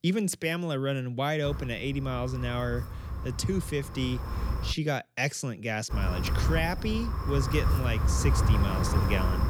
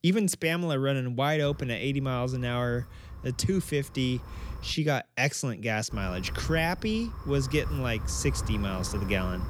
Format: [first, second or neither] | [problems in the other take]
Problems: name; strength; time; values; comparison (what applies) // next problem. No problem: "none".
second | wind noise on the microphone; heavy; from 1.5 to 4.5 s and from 6 s on; 5 dB below the speech; occasional gusts in the second